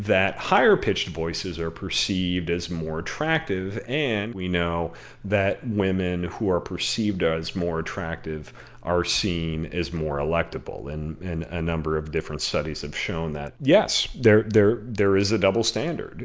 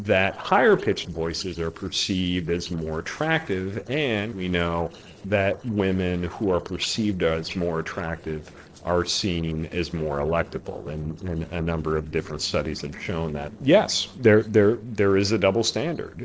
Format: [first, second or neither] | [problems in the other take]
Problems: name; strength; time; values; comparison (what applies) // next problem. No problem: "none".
first | noise reduction (neural separator model SepFormer DNS4)